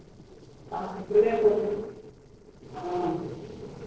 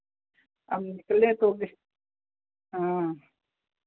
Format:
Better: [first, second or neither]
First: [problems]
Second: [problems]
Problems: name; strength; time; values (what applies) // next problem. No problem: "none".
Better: second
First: noise reduction (neural separator model SepFormer DNS4)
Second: none